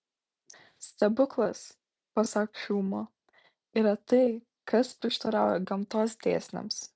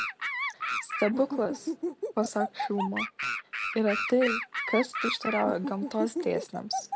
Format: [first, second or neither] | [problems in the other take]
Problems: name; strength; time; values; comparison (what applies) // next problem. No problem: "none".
first | background sound (Animal); 3 dB below the speech